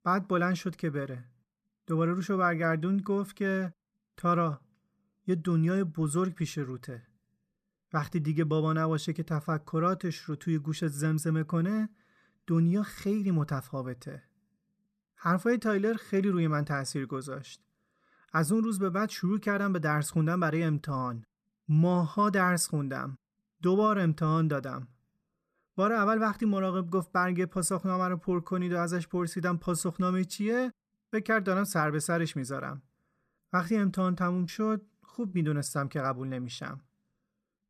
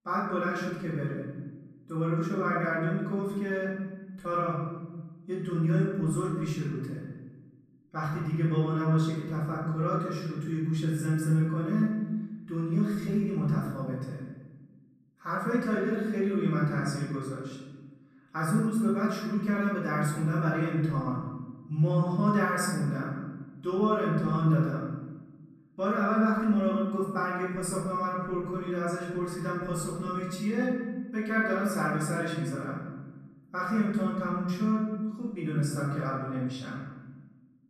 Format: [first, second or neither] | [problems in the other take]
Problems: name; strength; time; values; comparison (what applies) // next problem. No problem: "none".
first | room echo; noticeable; dies away in 1.2 s // off-mic speech; far